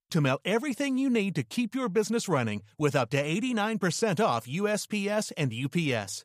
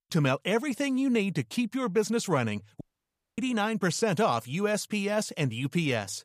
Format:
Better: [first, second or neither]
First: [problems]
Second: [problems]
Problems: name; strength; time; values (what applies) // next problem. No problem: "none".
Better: first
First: none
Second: audio cutting out; at 3 s for 0.5 s